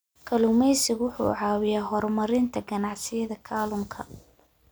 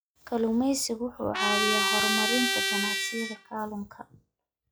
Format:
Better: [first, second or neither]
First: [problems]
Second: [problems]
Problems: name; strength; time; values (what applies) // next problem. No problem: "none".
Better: first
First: none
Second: noise reduction (classical method log-MMSE)